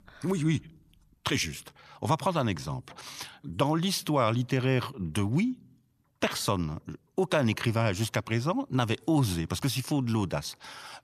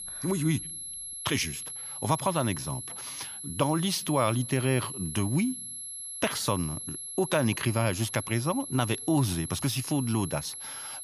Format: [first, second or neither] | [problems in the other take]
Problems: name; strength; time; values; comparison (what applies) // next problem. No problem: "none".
first | high-pitched whine; loud; throughout; 11 kHz, 7 dB below the speech